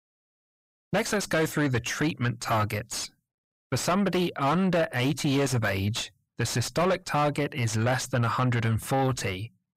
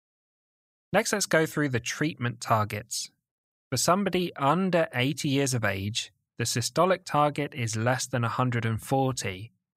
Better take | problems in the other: second | distortion; heavy; 7 dB below the speech

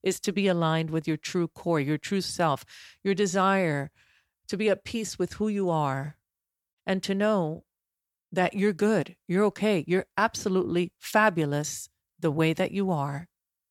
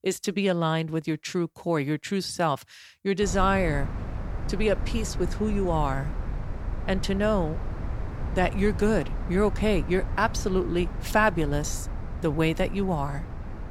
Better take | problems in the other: first | low rumble; noticeable; from 3 s on; 15 dB below the speech

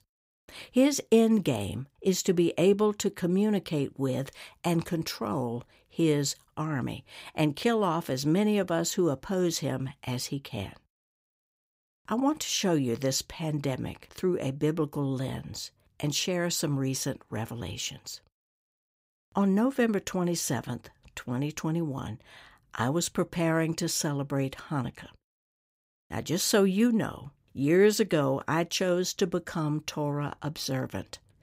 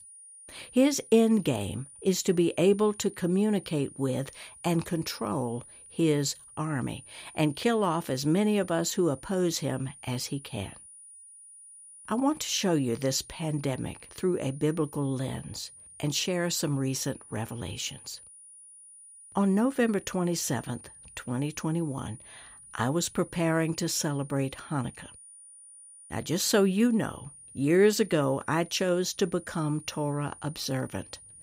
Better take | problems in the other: first | high-pitched whine; noticeable; throughout; 9.5 kHz, 20 dB below the speech

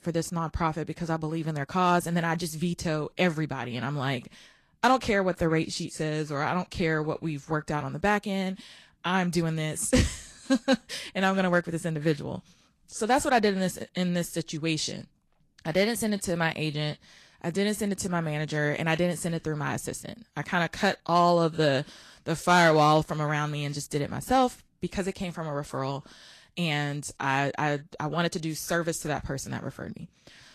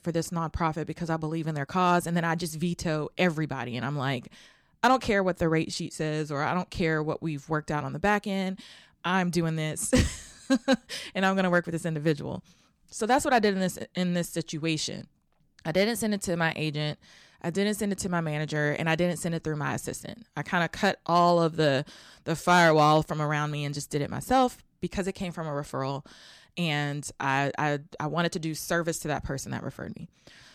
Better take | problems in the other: second | garbled, watery; slightly; nothing above 12.5 kHz

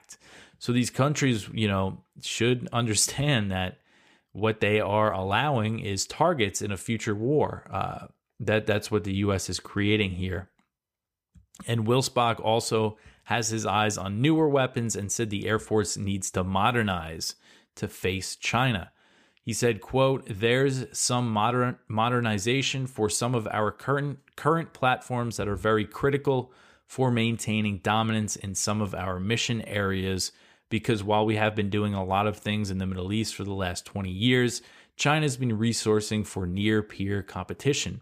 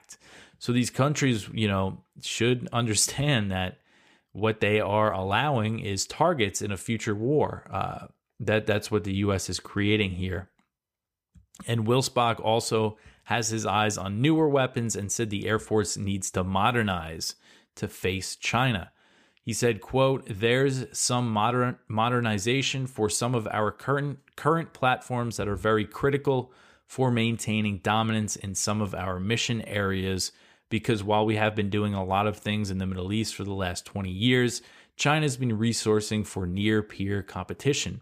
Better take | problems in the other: neither | none

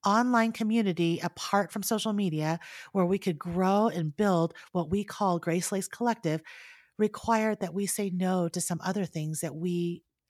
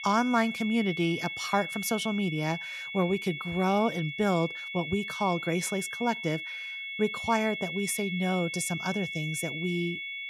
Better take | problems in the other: first | high-pitched whine; loud; throughout; 2 kHz, 5 dB below the speech

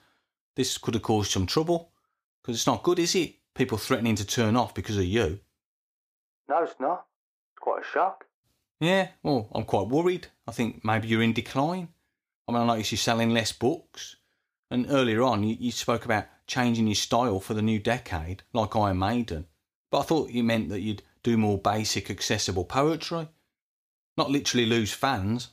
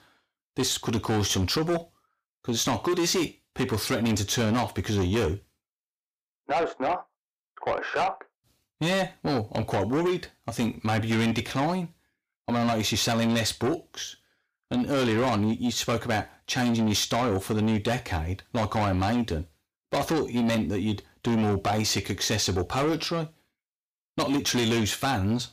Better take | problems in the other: first | distortion; heavy; 8 dB below the speech

